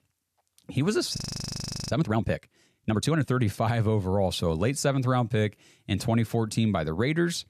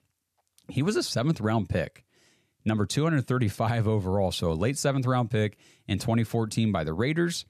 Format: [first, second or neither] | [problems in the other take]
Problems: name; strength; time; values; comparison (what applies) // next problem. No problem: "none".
second | audio freezing; at 1 s for 1 s